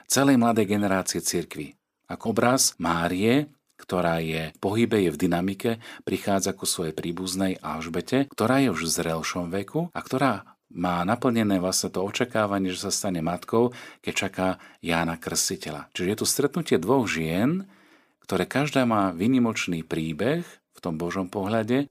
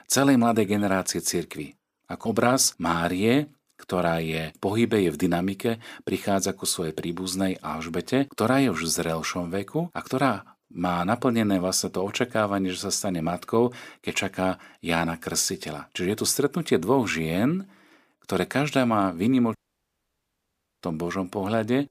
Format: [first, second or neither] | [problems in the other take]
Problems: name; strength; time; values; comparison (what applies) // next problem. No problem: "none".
first | audio cutting out; at 20 s for 1.5 s